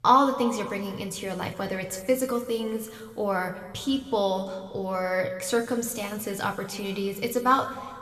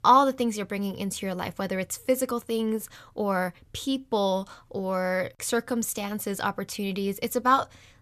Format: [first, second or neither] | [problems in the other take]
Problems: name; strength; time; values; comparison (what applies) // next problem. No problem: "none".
second | room echo; slight; dies away in 1.8 s